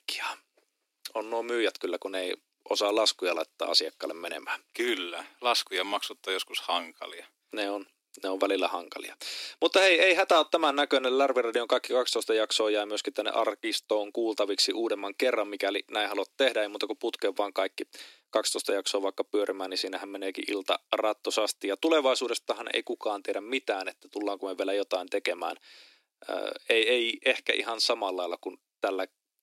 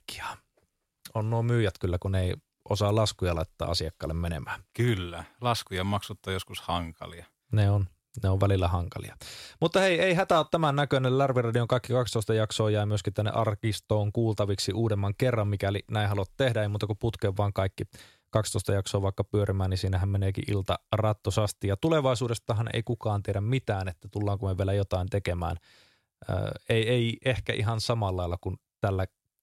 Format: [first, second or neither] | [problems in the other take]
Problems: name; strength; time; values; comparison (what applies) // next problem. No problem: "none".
second | thin; very; fading below 300 Hz